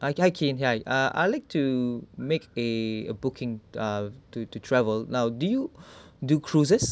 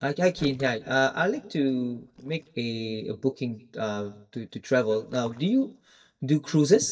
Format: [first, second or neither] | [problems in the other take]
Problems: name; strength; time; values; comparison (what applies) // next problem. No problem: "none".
first | noise reduction (neural mask model DeepFilterNet 3)